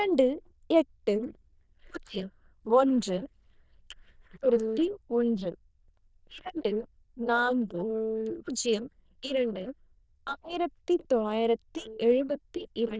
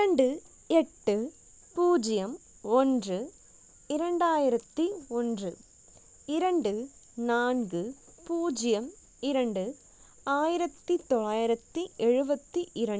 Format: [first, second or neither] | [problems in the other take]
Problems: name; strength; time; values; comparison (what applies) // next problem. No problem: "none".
second | noise reduction (neural diffusion model UNIVERSE++)